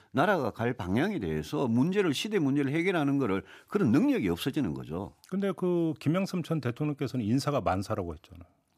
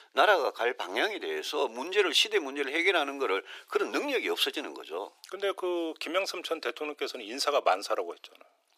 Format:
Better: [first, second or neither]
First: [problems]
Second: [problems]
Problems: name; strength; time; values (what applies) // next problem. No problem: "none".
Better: first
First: none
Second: thin; very; fading below 400 Hz